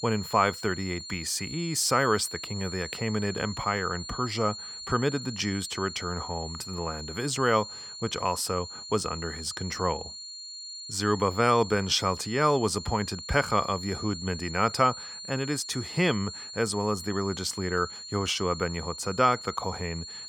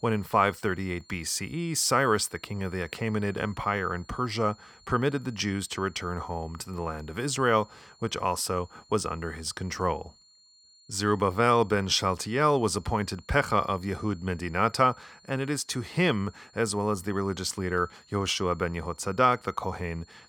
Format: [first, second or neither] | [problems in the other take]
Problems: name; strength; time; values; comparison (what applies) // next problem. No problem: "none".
second | high-pitched whine; loud; throughout; 4.5 kHz, 10 dB below the speech; faint in the second